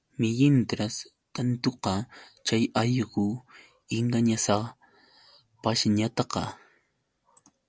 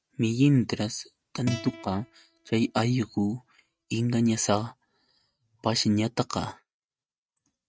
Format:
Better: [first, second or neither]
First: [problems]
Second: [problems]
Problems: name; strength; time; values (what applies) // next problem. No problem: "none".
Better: first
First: none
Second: noise reduction (neural mask model RNNoise)